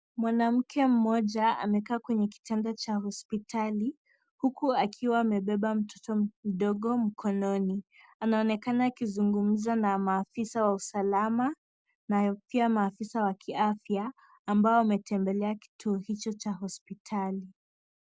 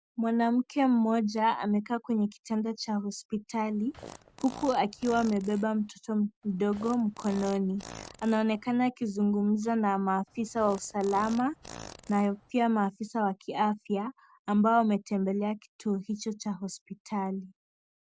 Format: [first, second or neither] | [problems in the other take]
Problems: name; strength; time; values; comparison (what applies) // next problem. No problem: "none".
first | background sound (Fart); 18 dB below the speech